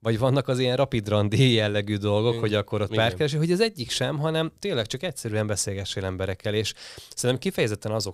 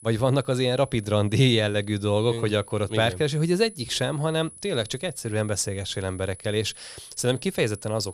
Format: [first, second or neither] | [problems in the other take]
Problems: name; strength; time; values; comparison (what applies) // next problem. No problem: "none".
first | high-pitched whine; noticeable; throughout; 10 kHz, 20 dB below the speech